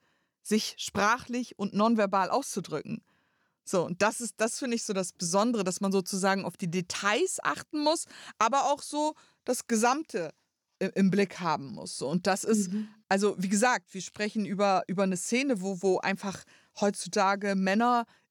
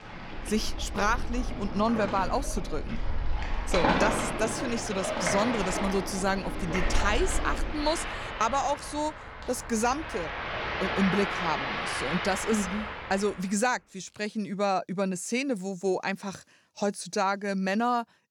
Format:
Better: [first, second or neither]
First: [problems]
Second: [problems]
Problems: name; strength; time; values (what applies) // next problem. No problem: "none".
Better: first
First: none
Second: rain or running water; loud; until 13 s; 3 dB below the speech